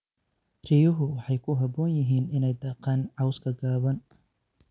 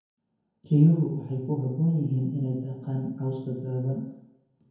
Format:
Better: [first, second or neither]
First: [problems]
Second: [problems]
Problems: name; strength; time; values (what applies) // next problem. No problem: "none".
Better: first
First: none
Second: room echo; dies away in 0.9 s